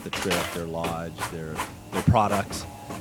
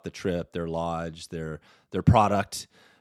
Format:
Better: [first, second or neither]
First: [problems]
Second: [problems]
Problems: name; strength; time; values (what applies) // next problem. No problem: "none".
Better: second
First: household noises; loud; throughout; 5 dB below the speech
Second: none